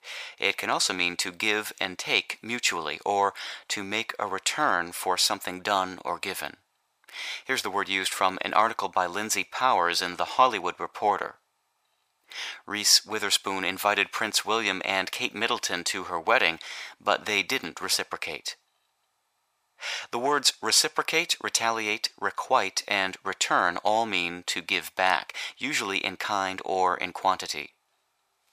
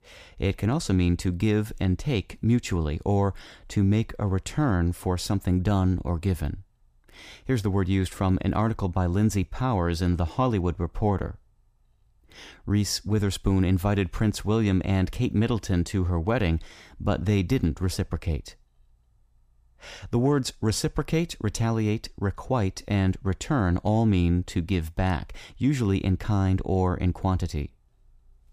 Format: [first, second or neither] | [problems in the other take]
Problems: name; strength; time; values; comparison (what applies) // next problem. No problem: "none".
second | thin; very; fading below 900 Hz